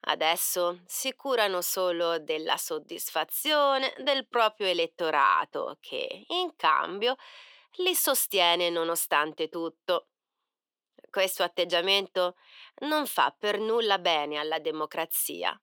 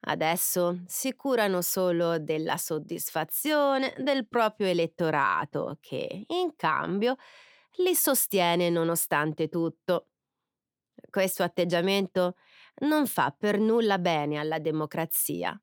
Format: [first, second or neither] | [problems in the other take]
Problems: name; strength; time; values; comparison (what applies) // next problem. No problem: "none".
second | thin; somewhat; fading below 450 Hz